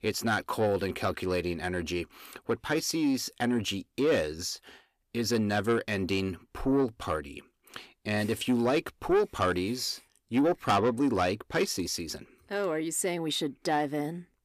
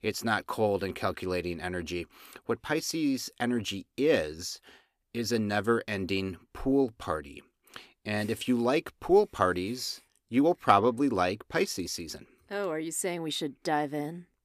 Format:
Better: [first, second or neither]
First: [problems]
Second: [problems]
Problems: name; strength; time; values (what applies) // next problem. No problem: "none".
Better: second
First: distortion; slight; 10 dB below the speech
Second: none